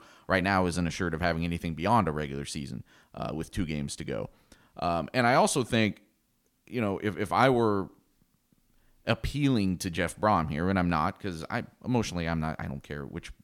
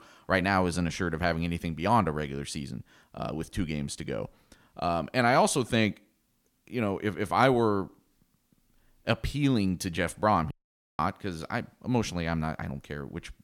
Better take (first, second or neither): first